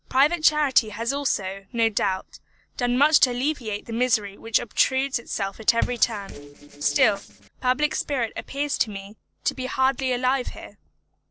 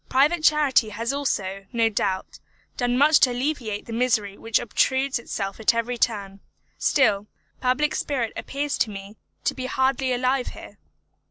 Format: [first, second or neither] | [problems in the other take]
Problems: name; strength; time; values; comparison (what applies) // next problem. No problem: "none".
second | noise reduction (neural separator model SepFormer DNS4)